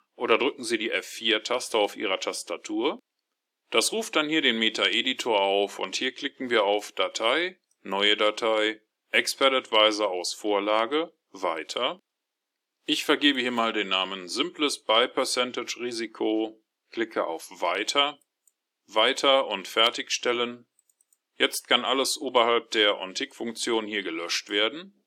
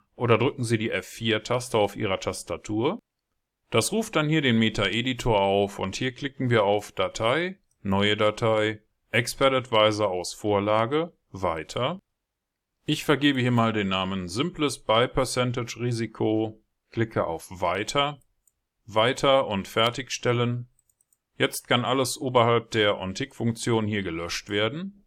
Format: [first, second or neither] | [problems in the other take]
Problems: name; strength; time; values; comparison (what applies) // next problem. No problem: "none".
second | thin; very slightly; fading below 300 Hz